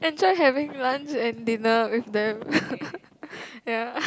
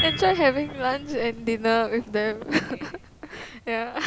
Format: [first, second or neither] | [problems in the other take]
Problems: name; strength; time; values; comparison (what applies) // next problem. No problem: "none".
first | background sound (Piano); 11 dB below the speech